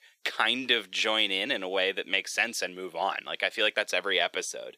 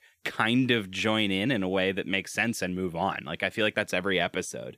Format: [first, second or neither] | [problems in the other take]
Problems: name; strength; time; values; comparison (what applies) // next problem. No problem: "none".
second | thin; somewhat; fading below 500 Hz